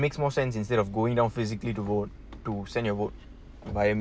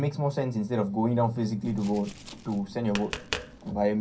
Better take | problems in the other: first | background sound (Tap); 12 dB below the speech // room echo; dies away in 0.3 s

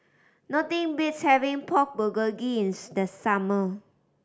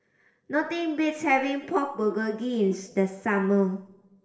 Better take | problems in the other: first | noise reduction (neural separator model SepFormer DNS4)

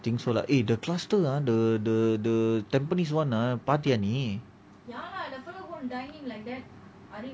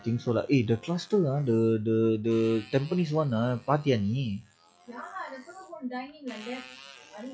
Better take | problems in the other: first | noise reduction (classical method log-MMSE)

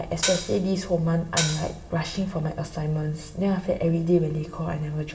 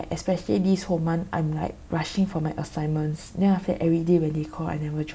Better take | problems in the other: second | background sound (Hi-hat); 4 dB below the speech // room echo; dies away in 2.5 s

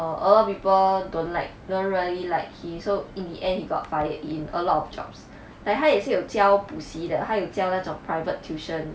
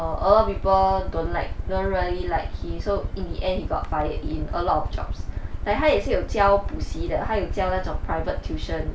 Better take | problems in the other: first | background sound (Aircraft); 3 dB below the speech

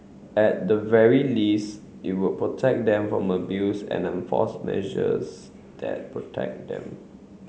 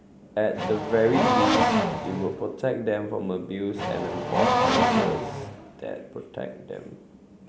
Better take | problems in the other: first | background sound (Race car, auto racing / Accelerating, revving, vroom); 3 dB above the speech

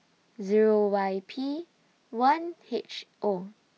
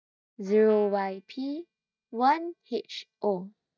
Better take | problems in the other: first | noise reduction (neural mask model DeepFilterNet 3)

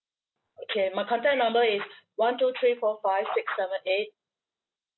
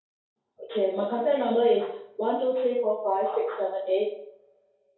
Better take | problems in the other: first | room echo; dies away in 2.4 s

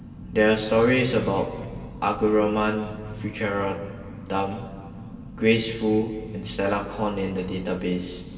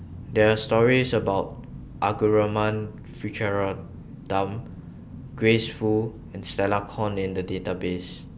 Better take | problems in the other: second | room echo; dies away in 2.3 s

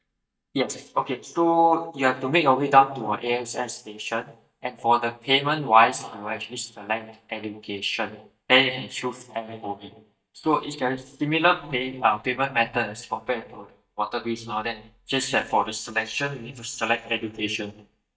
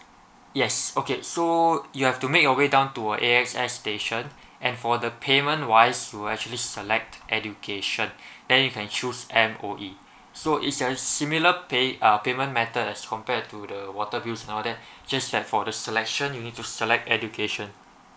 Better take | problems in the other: second | noise reduction (neural mask model DeepFilterNet 3)

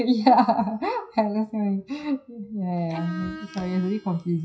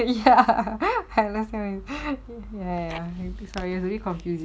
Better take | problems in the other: second | noise reduction (classical method WPE with log-MMSE)

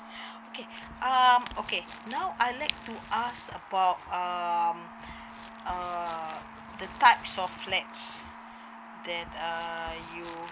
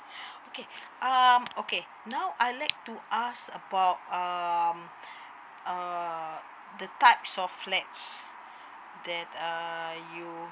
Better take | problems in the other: second | background sound (Crumpling, crinkling + Wind instrument, woodwind instrument); 18 dB below the speech

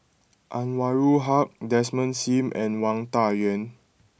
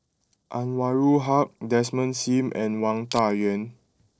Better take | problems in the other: first | noise reduction (neural separator model SepFormer DNS4)

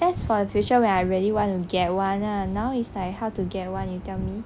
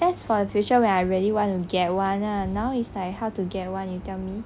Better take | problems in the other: second | background sound (Breathing); 14 dB below the speech

